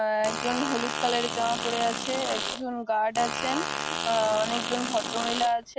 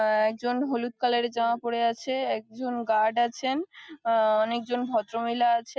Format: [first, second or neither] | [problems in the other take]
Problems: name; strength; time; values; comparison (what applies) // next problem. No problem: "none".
second | background sound (Fart); 3 dB below the speech